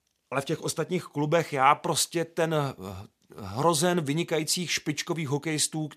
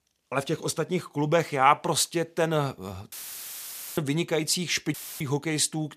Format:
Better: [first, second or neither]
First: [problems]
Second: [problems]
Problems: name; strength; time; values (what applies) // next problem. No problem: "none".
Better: first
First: none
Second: audio cutting out; filled with static; at 3 s for 1 s and at 5 s